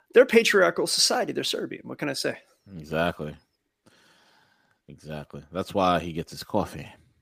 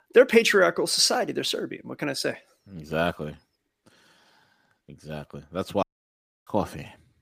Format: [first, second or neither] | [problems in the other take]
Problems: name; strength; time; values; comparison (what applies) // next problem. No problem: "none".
first | audio cutting out; at 6 s for 0.5 s